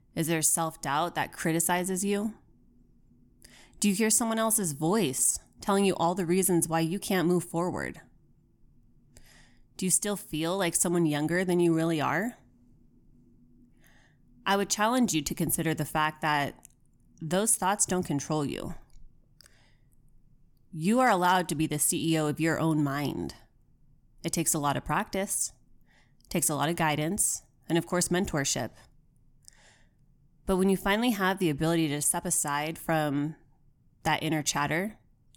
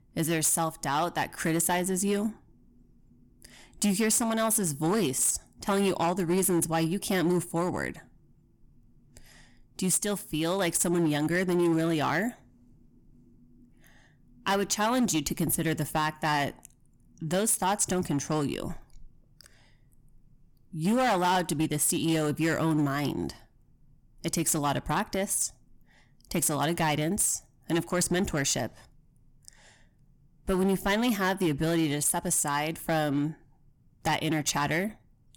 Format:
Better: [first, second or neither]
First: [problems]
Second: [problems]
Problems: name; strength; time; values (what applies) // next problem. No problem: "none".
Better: first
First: none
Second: distortion; slight; 7% of the sound clipped